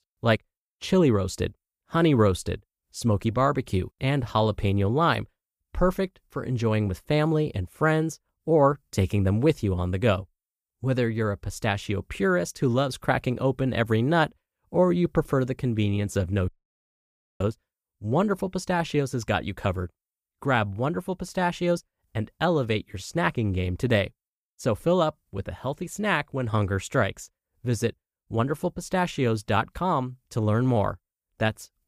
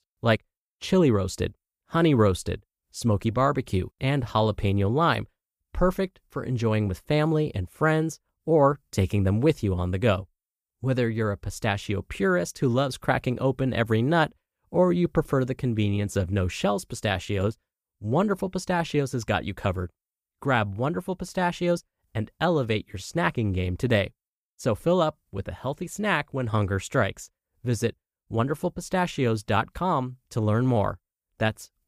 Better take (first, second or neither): second